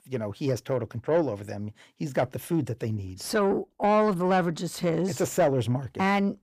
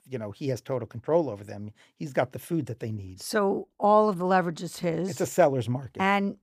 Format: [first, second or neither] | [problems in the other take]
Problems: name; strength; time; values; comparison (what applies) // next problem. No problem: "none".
second | distortion; slight; 10 dB below the speech